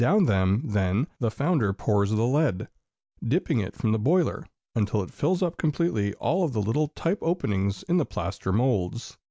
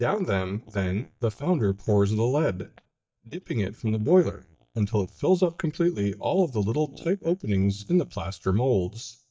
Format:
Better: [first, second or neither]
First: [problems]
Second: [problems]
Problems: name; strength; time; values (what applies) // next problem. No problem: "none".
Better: first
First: none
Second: noise reduction (neural mask model DeepFilterNet 3)